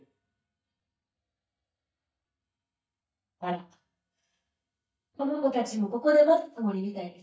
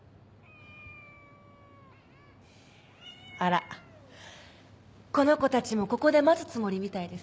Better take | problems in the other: second | noise reduction (neural mask model DeepFilterNet 3)

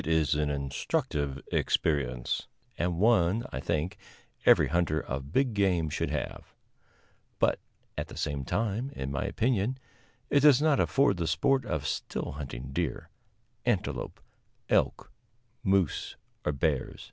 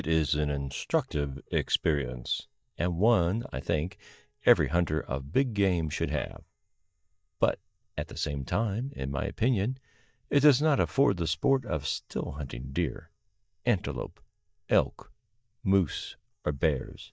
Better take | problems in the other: first | noise reduction (neural mask model DeepFilterNet 3)

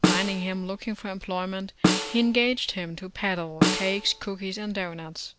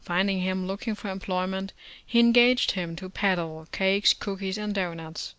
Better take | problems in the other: second | background sound (Snare drum); as loud as the speech

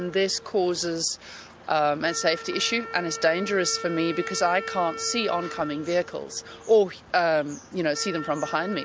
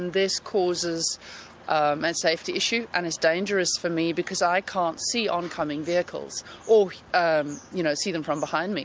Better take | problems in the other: second | background sound (Wind instrument, woodwind instrument); 13 dB below the speech

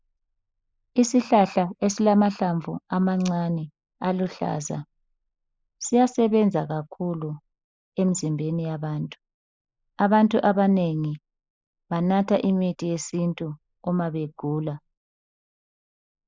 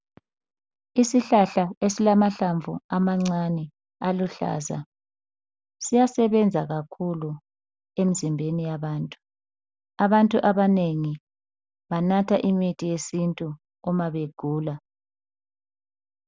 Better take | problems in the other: second | noise reduction (neural mask model Resemble Enhance denoiser)

